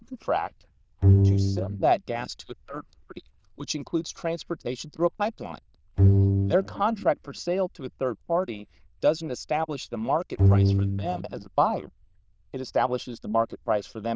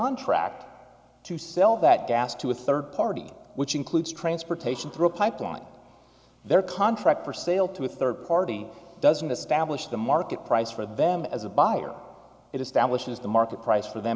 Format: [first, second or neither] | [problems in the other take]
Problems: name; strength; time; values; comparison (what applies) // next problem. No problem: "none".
second | noise reduction (neural diffusion model UNIVERSE++)